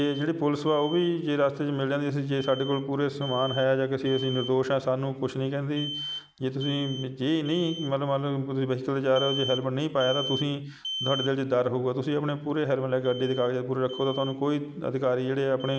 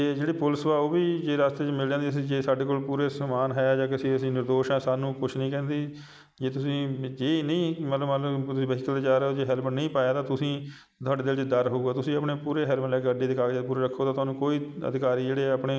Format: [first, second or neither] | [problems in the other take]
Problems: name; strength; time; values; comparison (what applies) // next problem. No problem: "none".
second | background sound (Alarm); 13 dB below the speech